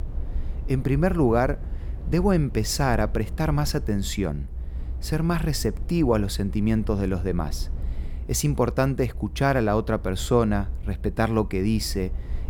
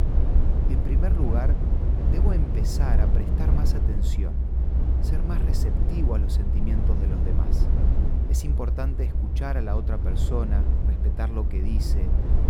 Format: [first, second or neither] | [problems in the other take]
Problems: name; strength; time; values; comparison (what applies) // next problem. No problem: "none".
first | low rumble; loud; throughout; 1 dB below the speech; faint in the first